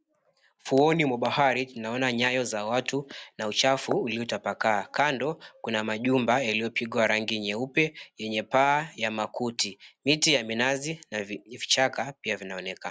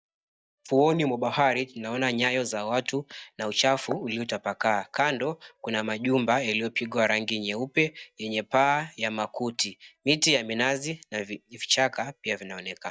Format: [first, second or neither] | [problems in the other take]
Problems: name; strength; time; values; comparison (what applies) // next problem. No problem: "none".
first | noise reduction (neural mask model DeepFilterNet 3)